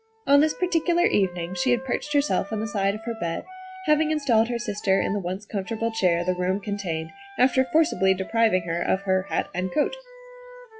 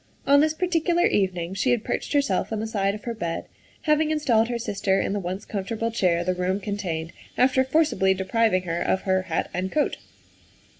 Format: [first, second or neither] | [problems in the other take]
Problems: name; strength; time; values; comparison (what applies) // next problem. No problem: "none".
second | noise reduction (classical method log-MMSE)